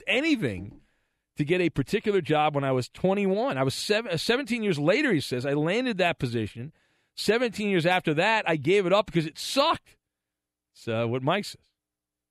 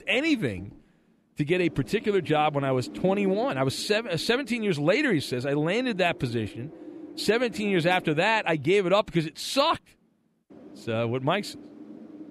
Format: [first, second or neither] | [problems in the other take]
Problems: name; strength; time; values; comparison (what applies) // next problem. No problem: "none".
first | wind noise on the microphone; occasional gusts; 20 dB below the speech